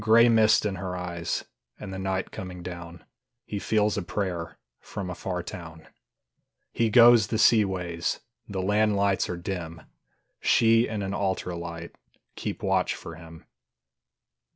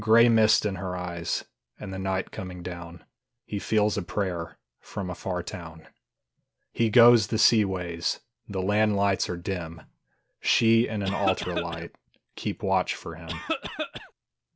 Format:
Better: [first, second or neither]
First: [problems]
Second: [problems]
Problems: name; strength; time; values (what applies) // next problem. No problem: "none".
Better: first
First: none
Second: background sound (Cough); 6 dB below the speech